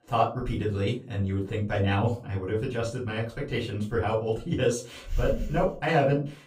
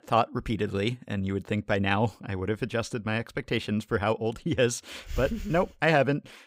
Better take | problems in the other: second | off-mic speech; far // room echo; slight; dies away in 0.3 s

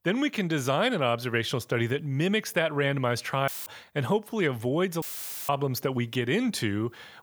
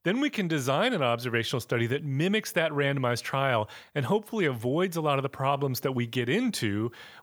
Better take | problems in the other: second | audio cutting out; filled with static; at 3.5 s and at 5 s

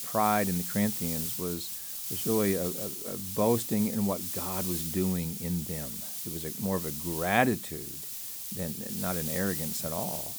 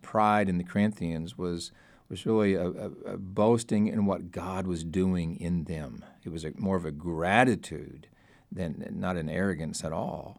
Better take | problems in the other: second | hiss; loud; throughout; 1 dB below the speech

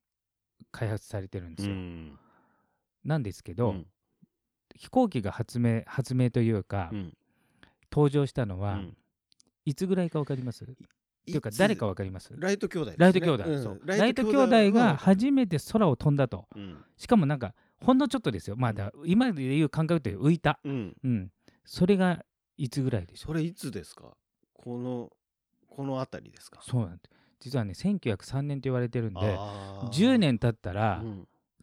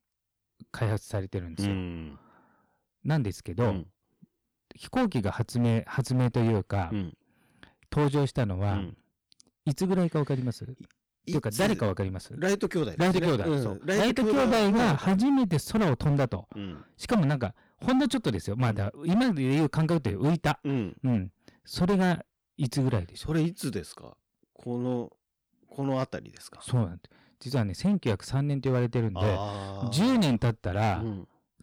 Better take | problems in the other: first | distortion; heavy; 10% of the sound clipped

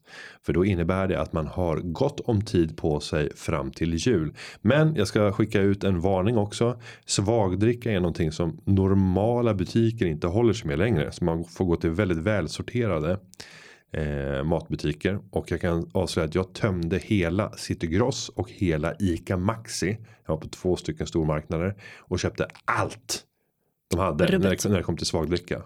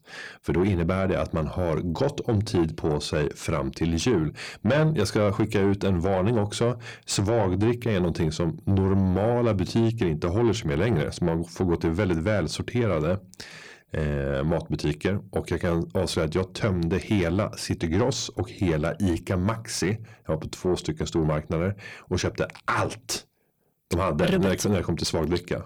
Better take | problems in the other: first | distortion; slight; 10 dB below the speech

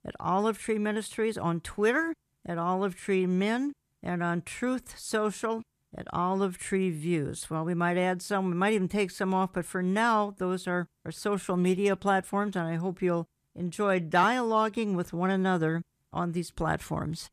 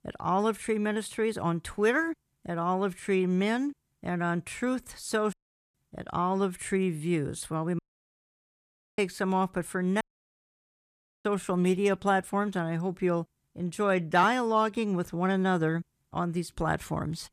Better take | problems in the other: first | audio cutting out; at 5.5 s, at 8 s for 1 s and at 10 s for 1 s

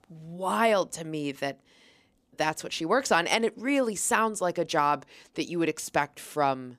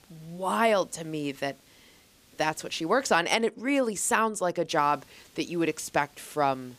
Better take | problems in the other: first | hiss; faint; until 3 s and from 5 s on; 30 dB below the speech

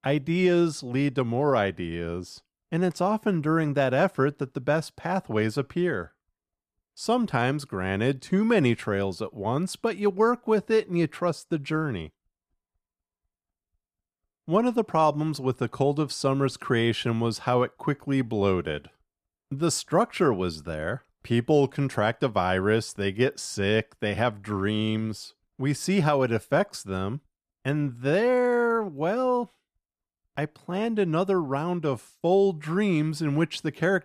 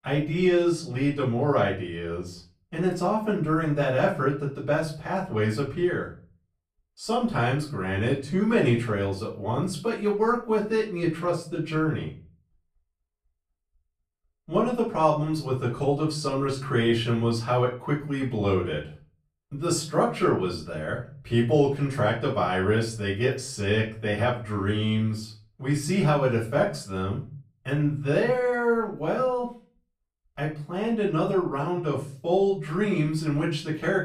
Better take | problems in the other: first | off-mic speech; far // room echo; slight; dies away in 0.3 s

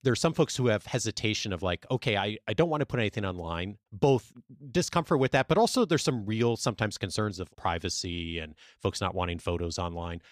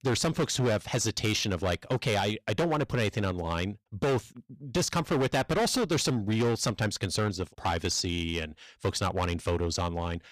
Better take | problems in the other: first | distortion; heavy; 14% of the sound clipped

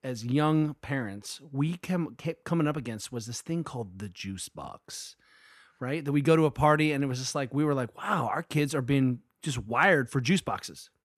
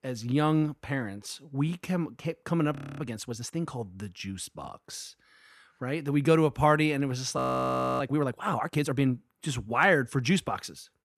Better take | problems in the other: first | audio freezing; at 3 s and at 7.5 s for 0.5 s

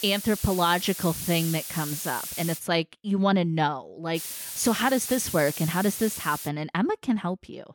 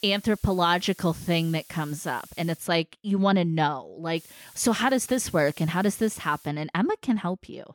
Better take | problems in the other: second | hiss; loud; until 2.5 s and from 4 to 6.5 s; 7 dB below the speech; faint in the second

